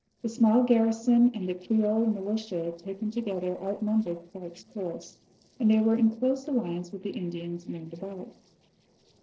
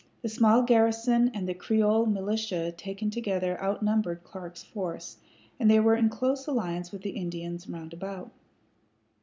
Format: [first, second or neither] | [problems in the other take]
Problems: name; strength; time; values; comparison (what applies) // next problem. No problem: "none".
second | noise reduction (neural separator model SepFormer DNS4)